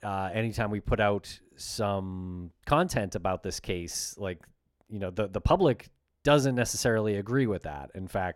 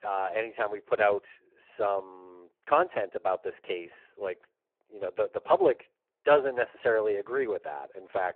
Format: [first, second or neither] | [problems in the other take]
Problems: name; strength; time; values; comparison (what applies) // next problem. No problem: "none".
first | phone-call audio; poor line